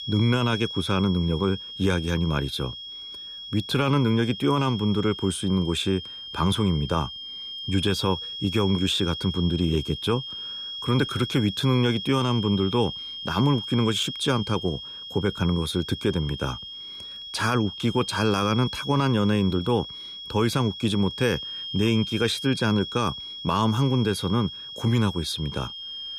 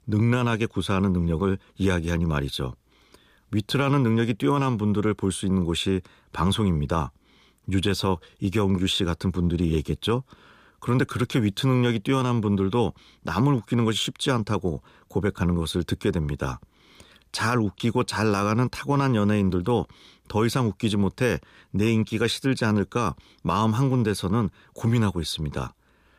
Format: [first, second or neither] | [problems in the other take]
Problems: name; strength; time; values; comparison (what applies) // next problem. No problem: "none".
second | high-pitched whine; loud; throughout; 3.5 kHz, 9 dB below the speech